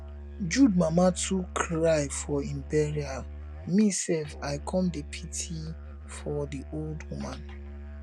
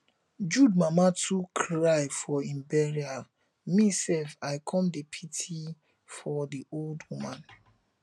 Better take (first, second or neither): second